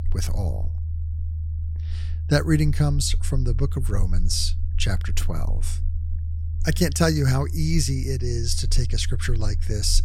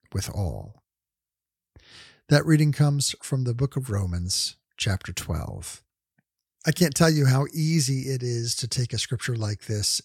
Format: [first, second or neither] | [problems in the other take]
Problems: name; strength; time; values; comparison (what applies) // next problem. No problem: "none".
second | low rumble; noticeable; throughout; 20 dB below the speech